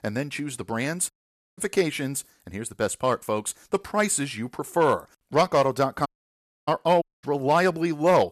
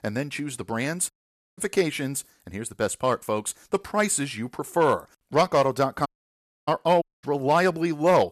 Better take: neither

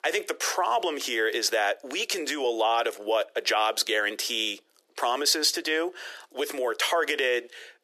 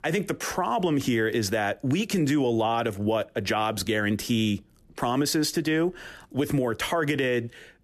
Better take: second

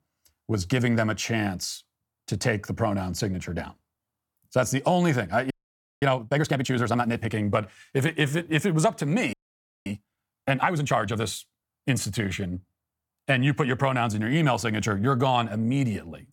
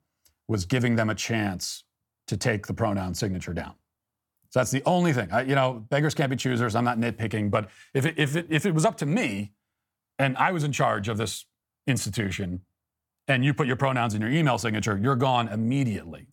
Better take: second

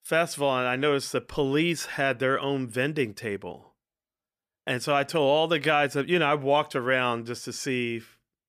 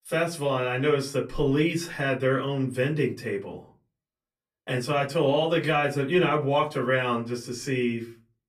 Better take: first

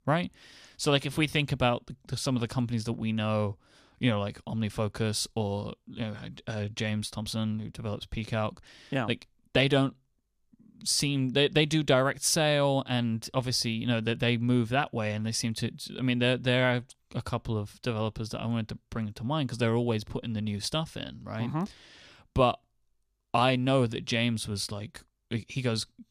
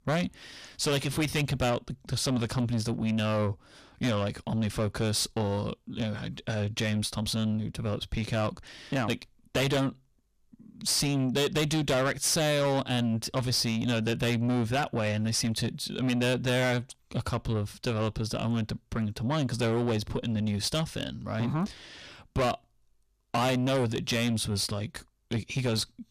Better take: first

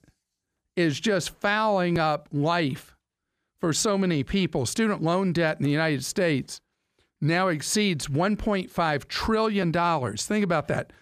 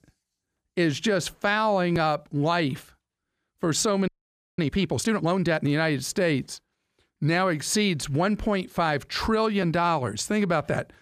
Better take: first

